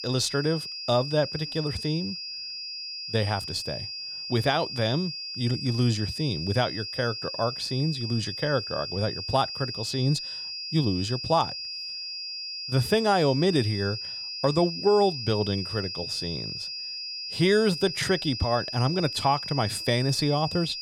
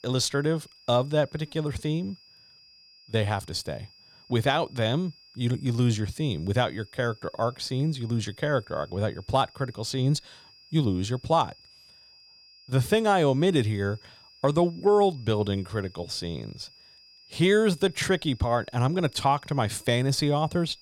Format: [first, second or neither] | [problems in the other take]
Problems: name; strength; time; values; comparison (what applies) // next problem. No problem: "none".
second | high-pitched whine; loud; throughout; 5 kHz, 6 dB below the speech; faint in the second